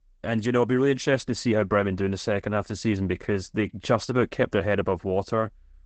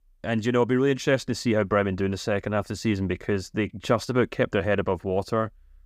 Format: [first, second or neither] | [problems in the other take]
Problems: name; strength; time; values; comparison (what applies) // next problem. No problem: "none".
second | garbled, watery; badly; nothing above 8 kHz